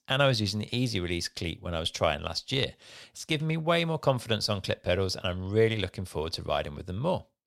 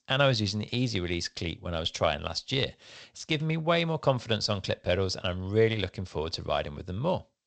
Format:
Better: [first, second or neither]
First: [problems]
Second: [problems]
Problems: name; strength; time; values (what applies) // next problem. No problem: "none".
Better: first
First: none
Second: garbled, watery; slightly; nothing above 8 kHz